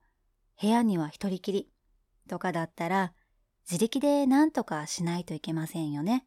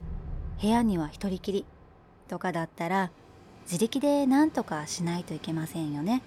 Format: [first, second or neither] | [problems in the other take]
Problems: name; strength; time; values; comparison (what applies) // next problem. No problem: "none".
first | train or aircraft noise; noticeable; throughout; 20 dB below the speech